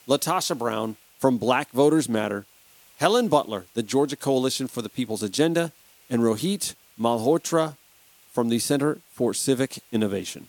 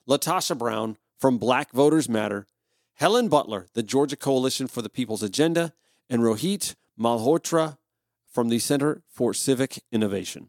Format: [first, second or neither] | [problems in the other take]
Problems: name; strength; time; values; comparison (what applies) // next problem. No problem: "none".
second | hiss; faint; throughout; 30 dB below the speech